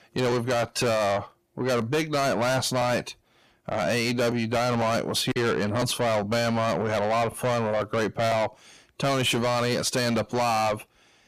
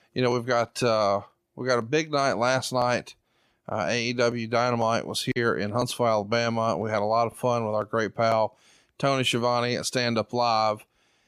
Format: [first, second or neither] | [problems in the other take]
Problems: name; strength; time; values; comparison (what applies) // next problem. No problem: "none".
second | distortion; heavy; 6 dB below the speech